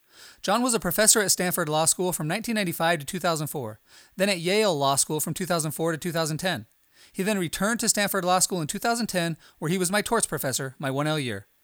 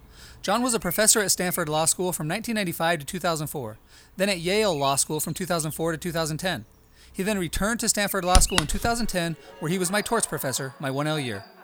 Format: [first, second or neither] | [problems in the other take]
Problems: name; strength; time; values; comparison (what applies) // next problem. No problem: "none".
first | animal sounds; loud; throughout; 8 dB below the speech